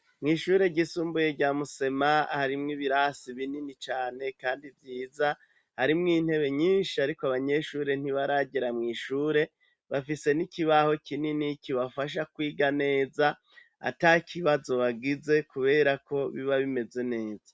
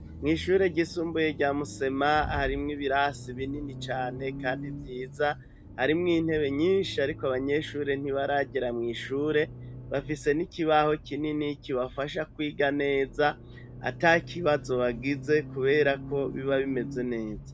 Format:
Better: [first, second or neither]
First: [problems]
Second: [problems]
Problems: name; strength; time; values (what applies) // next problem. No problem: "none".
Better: first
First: none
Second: background sound (Accelerating, revving, vroom); 13 dB below the speech